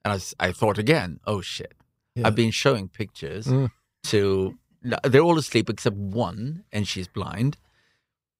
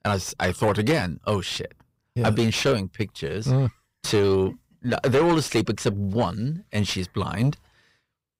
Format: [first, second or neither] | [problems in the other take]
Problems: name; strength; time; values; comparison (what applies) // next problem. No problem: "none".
first | distortion; heavy; 7 dB below the speech